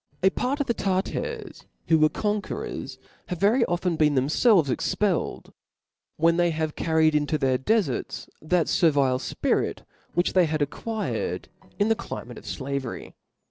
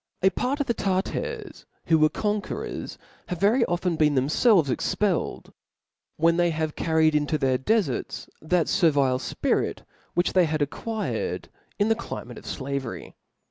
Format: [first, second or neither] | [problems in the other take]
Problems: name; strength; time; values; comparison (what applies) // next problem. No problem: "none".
second | noise reduction (neural separator model SepFormer DNS4)